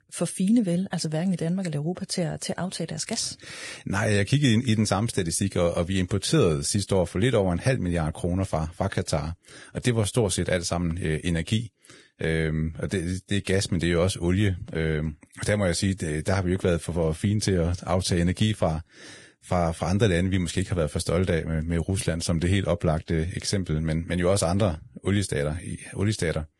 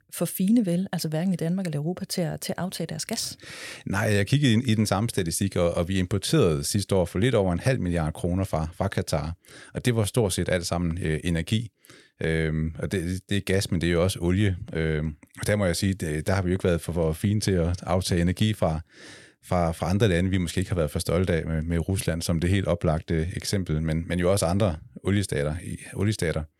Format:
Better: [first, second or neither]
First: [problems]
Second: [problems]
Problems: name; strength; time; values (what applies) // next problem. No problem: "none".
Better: second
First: garbled, watery; badly; nothing above 10.5 kHz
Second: none